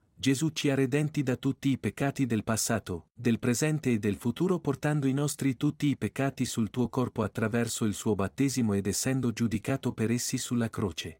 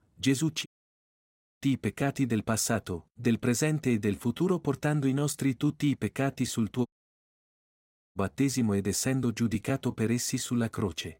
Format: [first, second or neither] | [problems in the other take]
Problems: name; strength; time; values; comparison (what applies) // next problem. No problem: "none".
first | audio cutting out; at 0.5 s for 1 s and at 7 s for 1.5 s